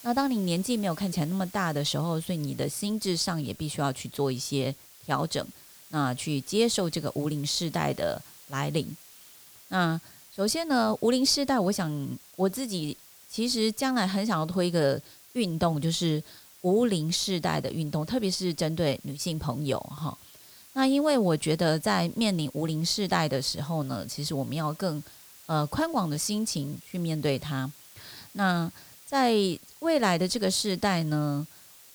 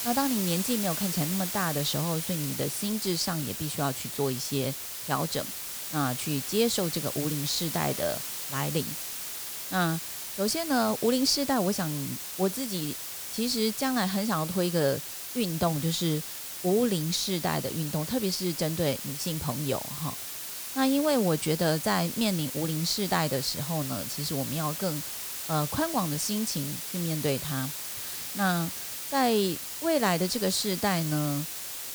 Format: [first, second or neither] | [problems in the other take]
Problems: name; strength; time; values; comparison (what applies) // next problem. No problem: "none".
first | hiss; loud; throughout; 4 dB below the speech; faint in the first